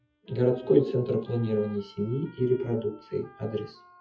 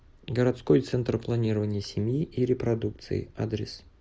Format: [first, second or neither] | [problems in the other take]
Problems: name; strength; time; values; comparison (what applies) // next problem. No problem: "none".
second | noise reduction (classical method WPE with log-MMSE)